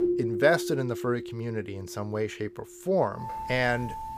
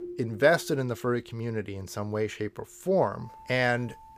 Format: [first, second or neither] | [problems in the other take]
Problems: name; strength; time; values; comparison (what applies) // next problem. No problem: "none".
second | background music; loud; throughout; 6 dB below the speech; faint in the second